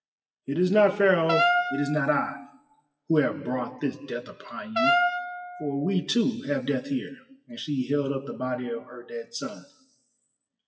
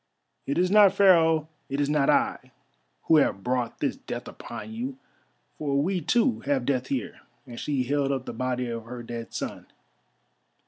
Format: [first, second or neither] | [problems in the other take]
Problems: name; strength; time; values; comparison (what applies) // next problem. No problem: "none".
second | noise reduction (classical method WPE with log-MMSE)